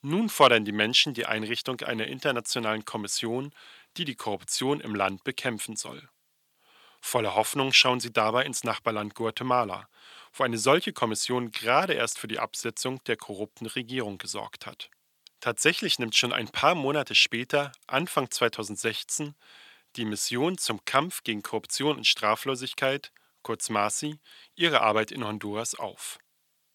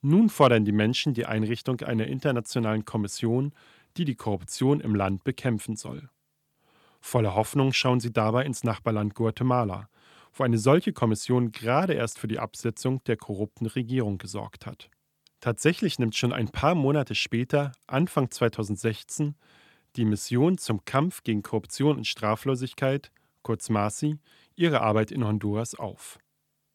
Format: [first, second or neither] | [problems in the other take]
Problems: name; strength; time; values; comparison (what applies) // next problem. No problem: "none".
second | thin; somewhat; fading below 950 Hz